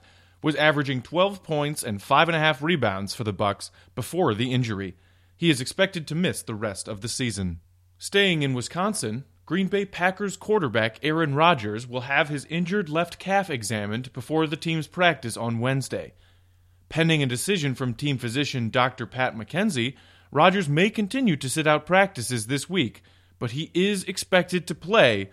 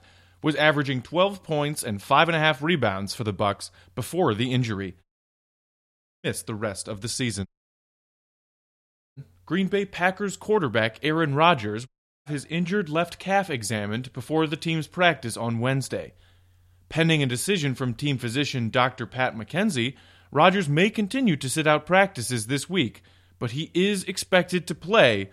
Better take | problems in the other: first | audio cutting out; at 5 s for 1 s, at 7.5 s for 1.5 s and at 12 s

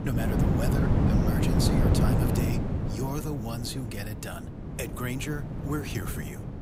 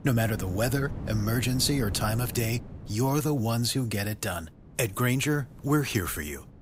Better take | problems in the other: second | wind noise on the microphone; heavy; 2 dB above the speech; occasional gusts in the second

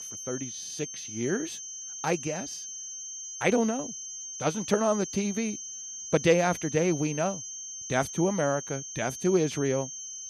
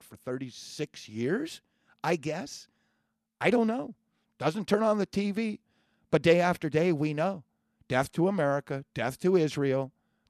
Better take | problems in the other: second | high-pitched whine; loud; throughout; 6.5 kHz, 8 dB below the speech

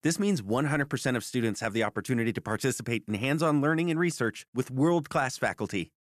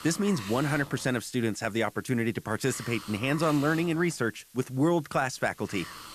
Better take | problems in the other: first | hiss; noticeable; throughout; 15 dB below the speech

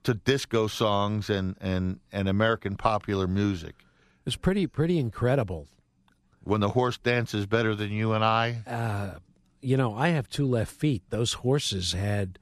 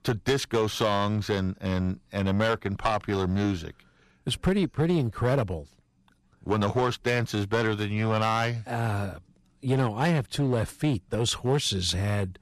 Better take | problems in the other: first | distortion; slight; 5% of the sound clipped

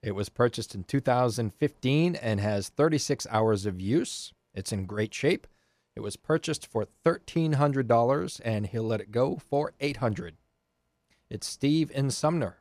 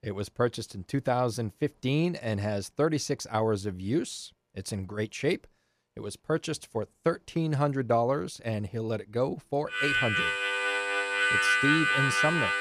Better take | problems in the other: first | background music; very loud; from 10 s on; 5 dB above the speech

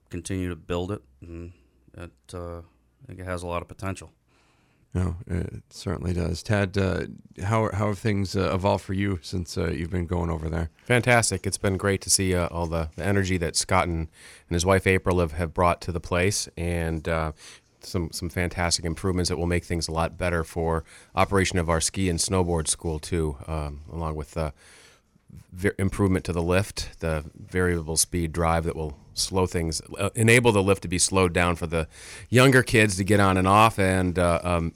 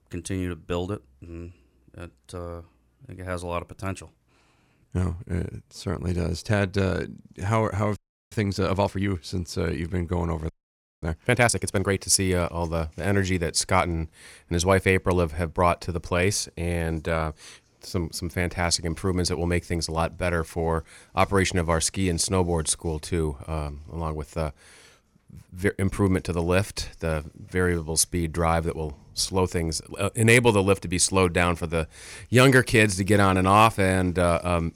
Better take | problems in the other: first | audio freezing; at 8 s and at 10 s for 0.5 s

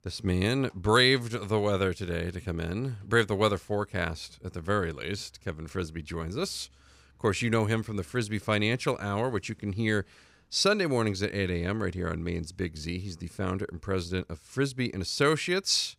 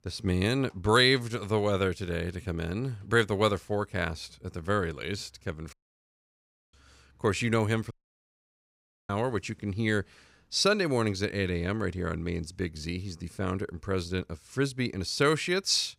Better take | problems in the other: first | audio cutting out; at 5.5 s for 1 s and at 8 s for 1 s

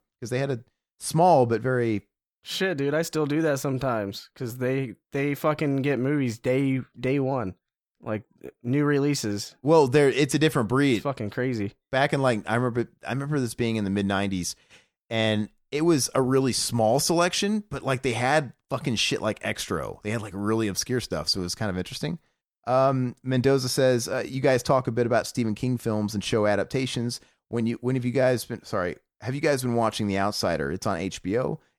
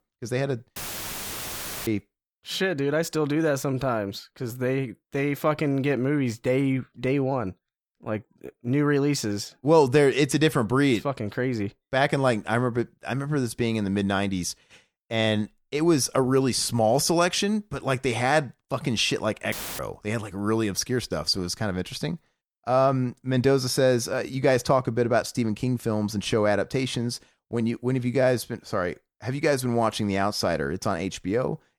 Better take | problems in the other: first | audio cutting out; filled with static; at 1 s for 1 s and at 20 s

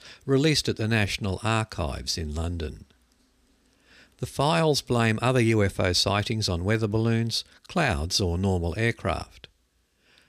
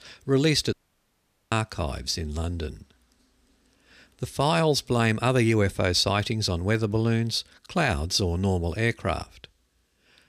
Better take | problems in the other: first | audio cutting out; at 0.5 s for 1 s

